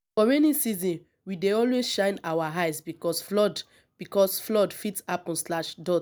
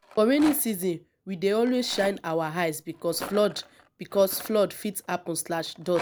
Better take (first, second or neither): first